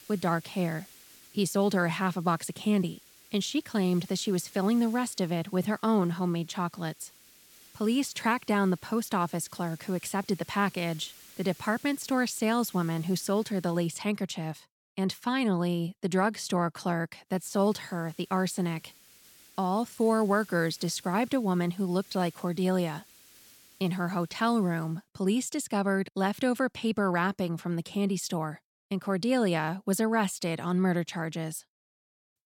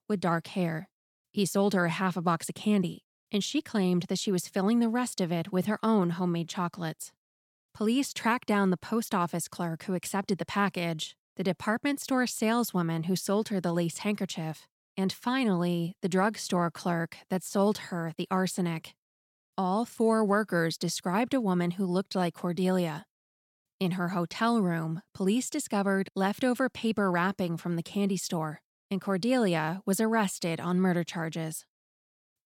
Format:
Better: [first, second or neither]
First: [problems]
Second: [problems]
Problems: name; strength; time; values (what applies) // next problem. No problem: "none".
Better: second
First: hiss; faint; until 14 s and from 17 to 25 s; 25 dB below the speech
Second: none